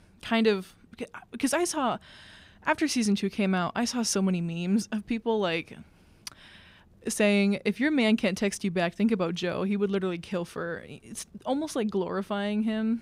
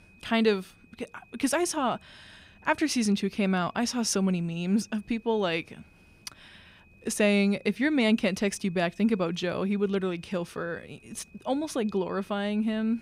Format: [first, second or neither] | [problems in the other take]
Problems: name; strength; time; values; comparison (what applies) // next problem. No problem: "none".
first | high-pitched whine; faint; throughout; 2.5 kHz, 30 dB below the speech